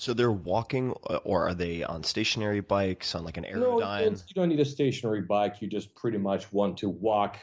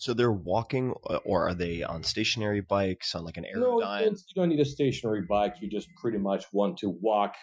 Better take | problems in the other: first | noise reduction (classical method Wiener filter)

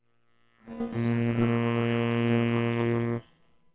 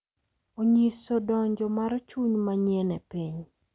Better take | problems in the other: second | noise reduction (neural separator model SepFormer WHAMR!)

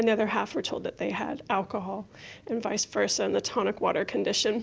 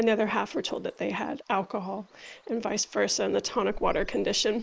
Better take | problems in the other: first | noise reduction (neural mask model Resemble Enhance denoiser)

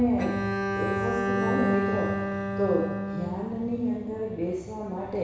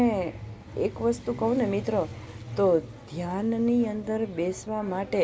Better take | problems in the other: second | background sound (Bowed string instrument); 1 dB below the speech // room echo; dies away in 1.1 s

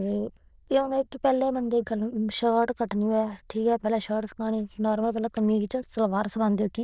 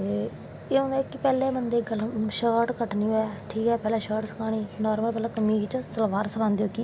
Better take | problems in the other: second | noise reduction (neural diffusion model UNIVERSE++)

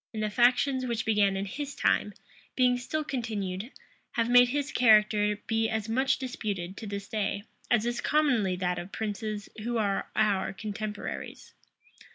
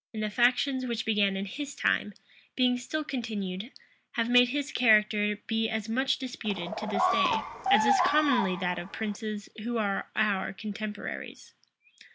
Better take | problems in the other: first | background sound (Bird vocalization, bird call, bird song); 1 dB above the speech

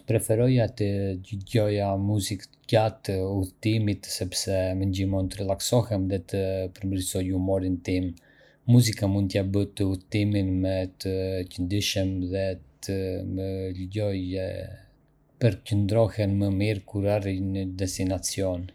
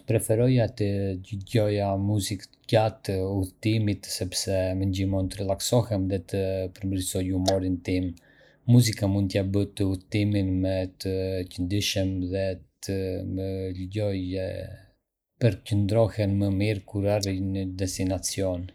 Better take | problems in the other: first | noise reduction (neural mask model Resemble Enhance denoiser)

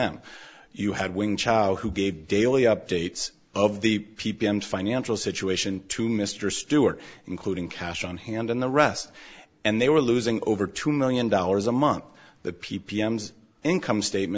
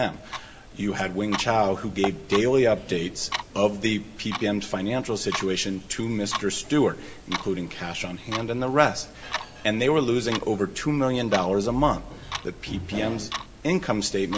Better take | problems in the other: first | background sound (Clock); 11 dB below the speech // room echo; dies away in 1.7 s

